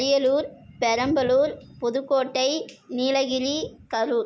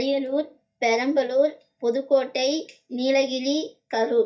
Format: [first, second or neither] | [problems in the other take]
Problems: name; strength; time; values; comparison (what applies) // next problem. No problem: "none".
first | noise reduction (neural mask model DeepFilterNet 3)